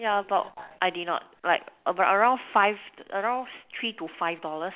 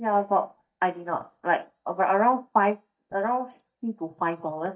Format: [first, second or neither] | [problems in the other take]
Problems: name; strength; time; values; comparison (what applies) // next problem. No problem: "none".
first | noise reduction (neural mask model DeepFilterNet 3)